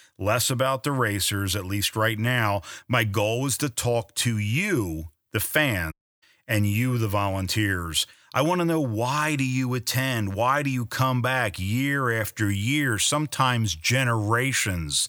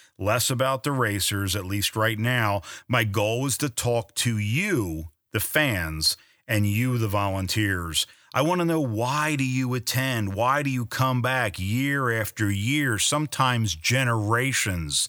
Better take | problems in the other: second | audio cutting out; at 6 s

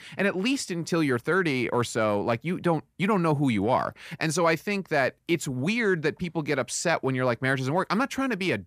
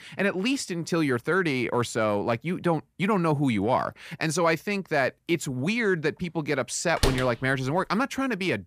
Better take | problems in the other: first | door banging; noticeable; at 7 s; peak 2 dB below the speech

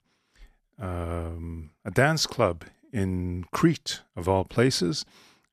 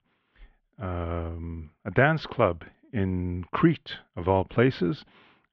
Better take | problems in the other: first | muffled; very; fading above 3 kHz

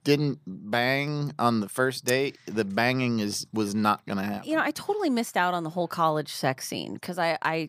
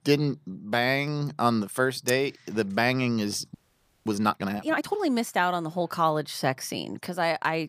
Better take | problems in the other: first | audio freezing; at 3.5 s for 0.5 s

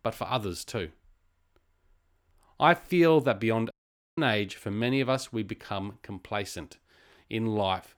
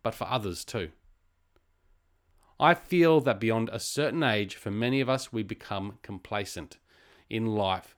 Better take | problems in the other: second | audio cutting out; at 3.5 s

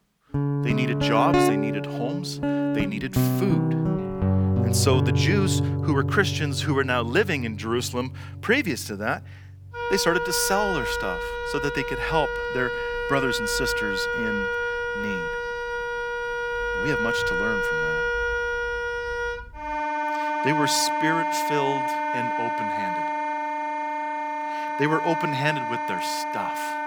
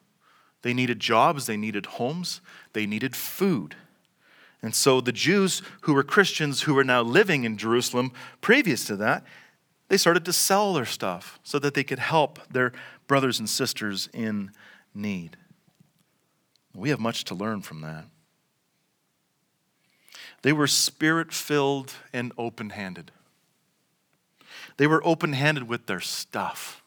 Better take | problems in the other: second | background music; very loud; throughout; 1 dB above the speech

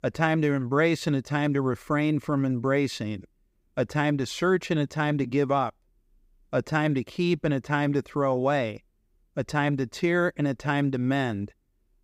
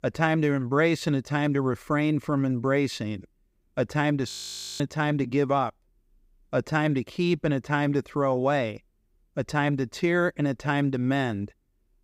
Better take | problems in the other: first | audio freezing; at 4.5 s for 0.5 s

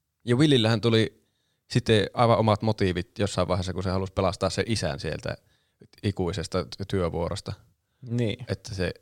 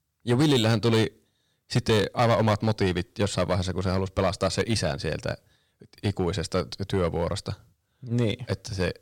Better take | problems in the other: first | distortion; slight; 5% of the sound clipped

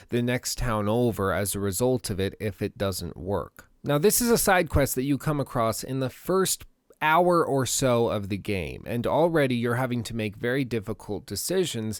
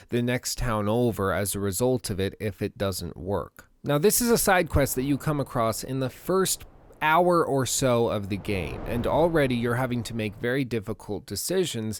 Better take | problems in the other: first | wind noise on the microphone; occasional gusts; from 4.5 to 11 s; 20 dB below the speech

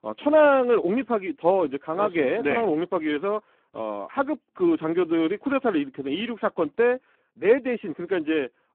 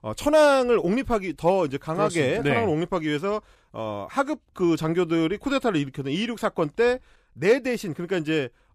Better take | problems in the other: second | phone-call audio; poor line

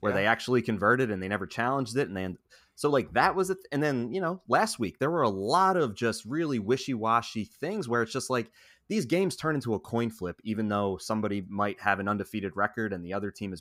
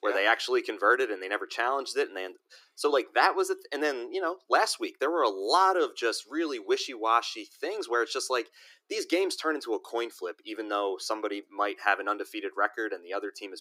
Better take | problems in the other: first | thin; very; fading below 300 Hz

